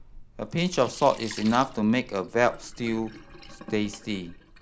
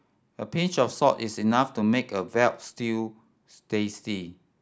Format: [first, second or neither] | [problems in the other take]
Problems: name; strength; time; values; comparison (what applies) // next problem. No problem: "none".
second | background sound (Sink (filling or washing)); 17 dB below the speech